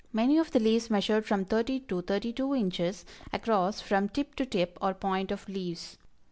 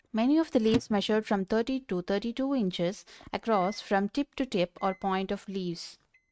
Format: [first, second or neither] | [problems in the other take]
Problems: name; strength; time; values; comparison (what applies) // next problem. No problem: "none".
first | noise reduction (neural mask model RNNoise)